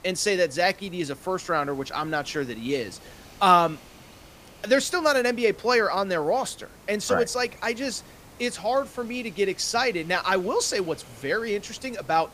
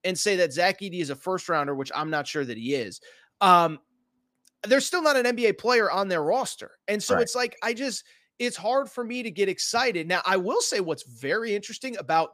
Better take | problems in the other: second | hiss; faint; throughout; 25 dB below the speech

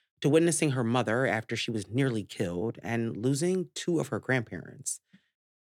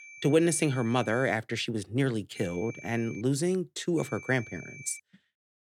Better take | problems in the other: first | high-pitched whine; noticeable; until 1.5 s, at 2.5 s and from 4 to 5 s; 2.5 kHz, 15 dB below the speech

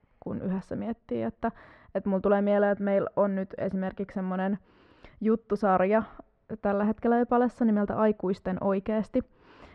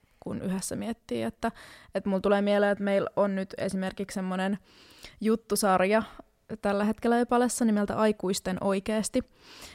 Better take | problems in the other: second | muffled; very; fading above 1.5 kHz

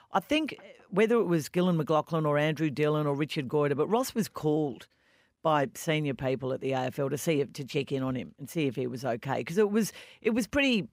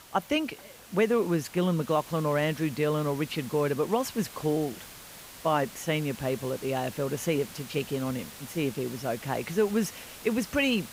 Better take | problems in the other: first | hiss; noticeable; throughout; 15 dB below the speech

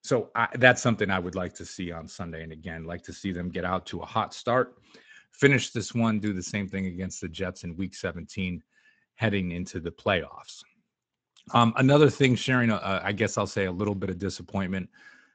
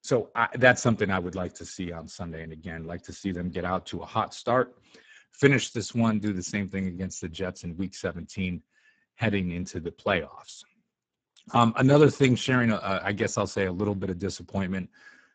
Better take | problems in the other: first | garbled, watery; badly; nothing above 7.5 kHz; slightly in the first

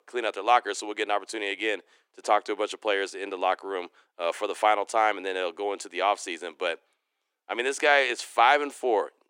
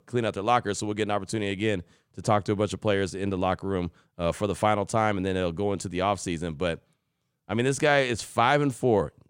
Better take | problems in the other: second | thin; very; fading below 300 Hz

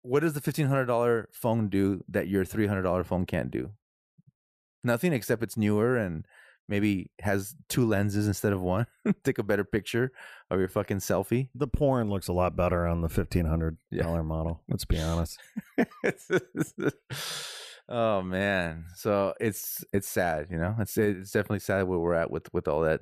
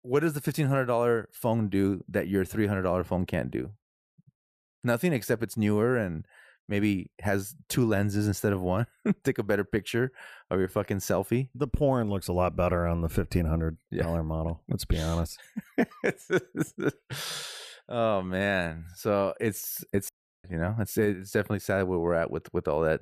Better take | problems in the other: first | audio cutting out; at 20 s

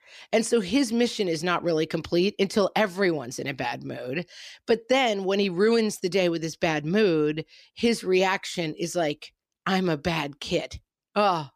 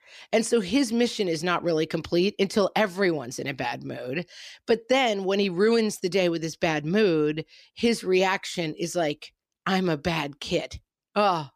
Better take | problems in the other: neither | none

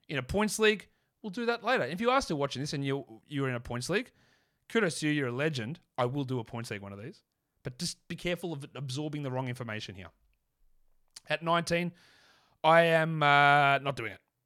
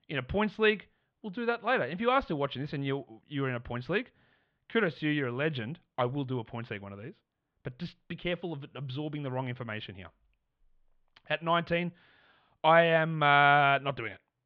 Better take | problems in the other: first | muffled; very; fading above 3.5 kHz

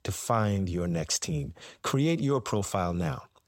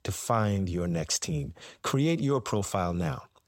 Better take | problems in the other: neither | none

